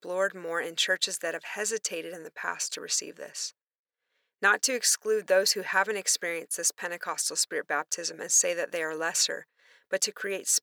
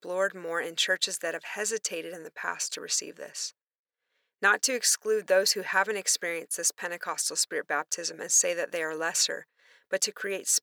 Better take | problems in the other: neither | thin; somewhat; fading below 400 Hz; the same in both

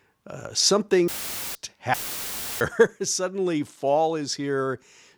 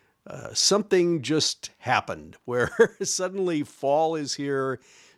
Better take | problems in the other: second | audio cutting out; filled with static; at 1 s and at 2 s for 0.5 s

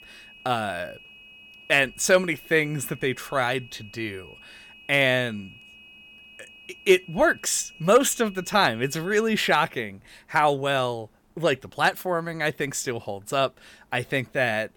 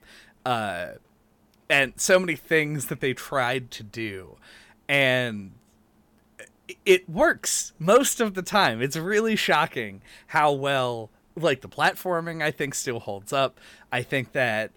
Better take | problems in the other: second | high-pitched whine; faint; until 9.5 s; 2.5 kHz, 20 dB below the speech

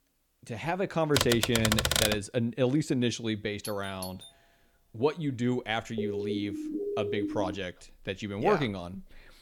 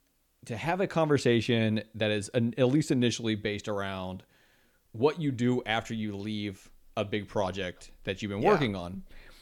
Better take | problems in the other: second | keyboard typing; loud; at 1 s; peak 6 dB above the speech // doorbell; faint; at 3.5 s; peak 10 dB below the speech // siren; noticeable; from 6 to 7.5 s; peak 2 dB below the speech

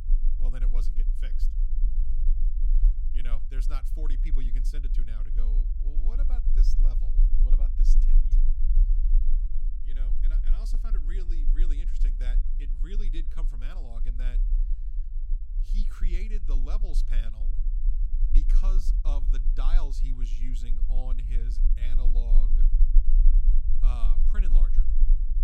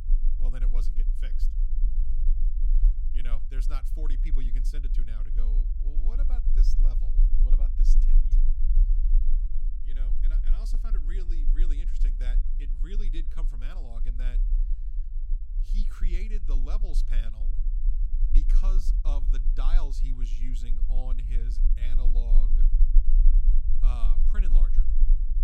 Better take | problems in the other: neither | low rumble; loud; throughout; 6 dB below the speech; the same in both

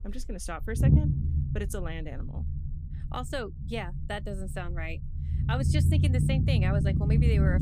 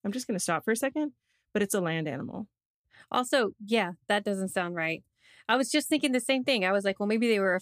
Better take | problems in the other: second | low rumble; loud; throughout; 1 dB below the speech

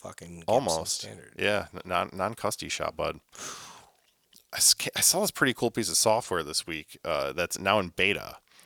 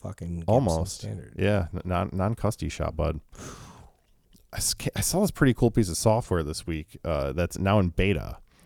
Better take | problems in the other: second | thin; somewhat; fading below 1 kHz

